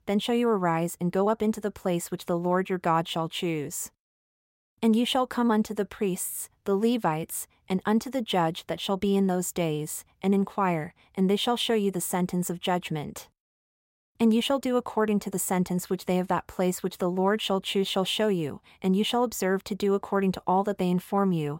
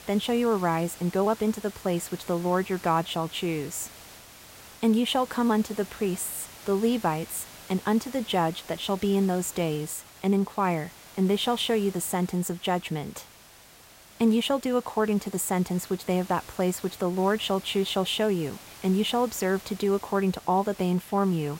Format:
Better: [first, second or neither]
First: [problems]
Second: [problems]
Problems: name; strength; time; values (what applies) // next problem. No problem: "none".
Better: first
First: none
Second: hiss; noticeable; throughout; 20 dB below the speech